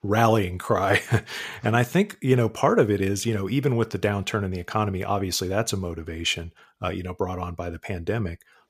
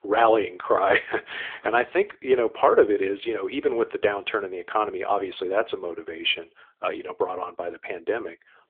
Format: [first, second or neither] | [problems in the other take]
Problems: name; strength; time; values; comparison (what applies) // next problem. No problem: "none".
first | phone-call audio; nothing above 3 kHz